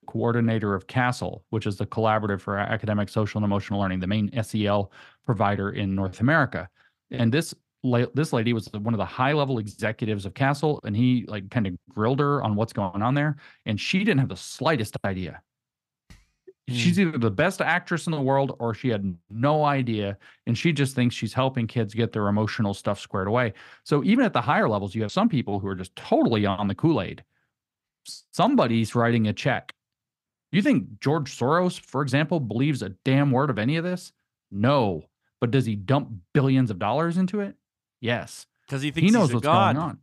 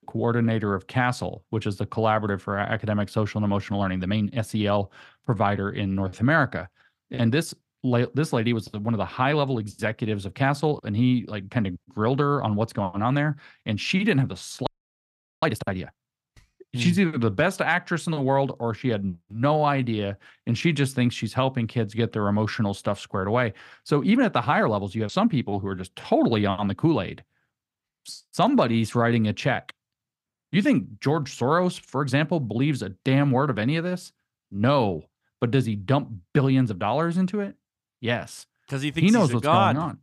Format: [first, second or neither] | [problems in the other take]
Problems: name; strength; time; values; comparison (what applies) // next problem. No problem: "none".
first | audio freezing; at 15 s for 1 s